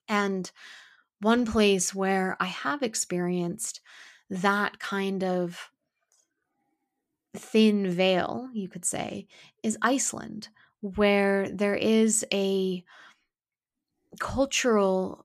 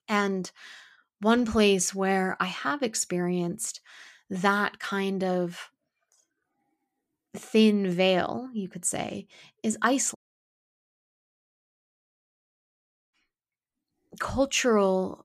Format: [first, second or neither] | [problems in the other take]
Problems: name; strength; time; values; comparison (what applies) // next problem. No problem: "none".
first | audio cutting out; at 10 s for 3 s